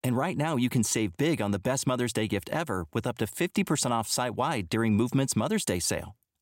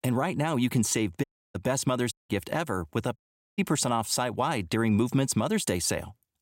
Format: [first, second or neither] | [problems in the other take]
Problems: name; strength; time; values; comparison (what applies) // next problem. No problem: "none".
first | audio cutting out; at 1 s, at 2 s and at 3 s